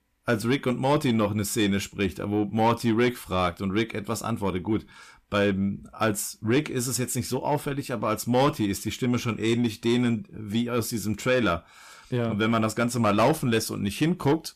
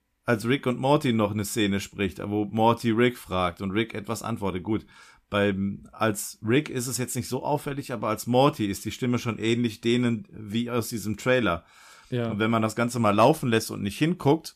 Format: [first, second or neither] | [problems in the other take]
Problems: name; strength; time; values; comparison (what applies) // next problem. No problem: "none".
second | distortion; slight; 10 dB below the speech